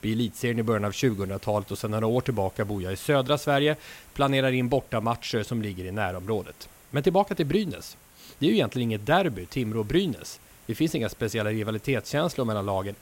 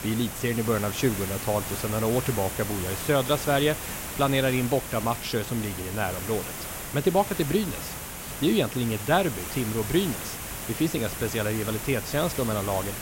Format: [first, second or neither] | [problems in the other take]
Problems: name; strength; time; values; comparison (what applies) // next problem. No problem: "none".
first | hiss; loud; throughout; 6 dB below the speech; faint in the first